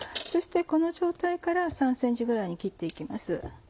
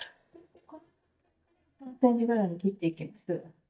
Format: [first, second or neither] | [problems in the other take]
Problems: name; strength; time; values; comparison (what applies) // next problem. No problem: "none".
first | noise reduction (neural mask model DeepFilterNet 3)